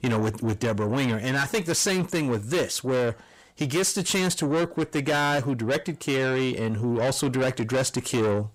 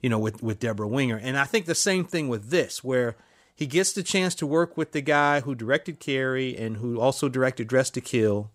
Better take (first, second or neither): second